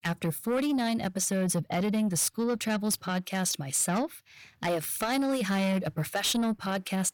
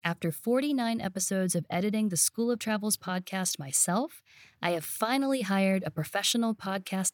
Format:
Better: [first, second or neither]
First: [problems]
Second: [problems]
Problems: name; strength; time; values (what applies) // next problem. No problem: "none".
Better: second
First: distortion; slight; 10 dB below the speech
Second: none